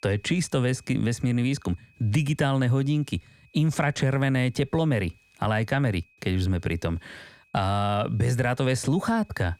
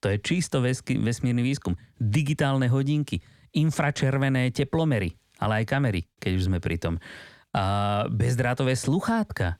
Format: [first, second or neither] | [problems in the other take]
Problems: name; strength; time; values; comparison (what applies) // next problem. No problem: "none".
second | high-pitched whine; faint; throughout; 2.5 kHz, 35 dB below the speech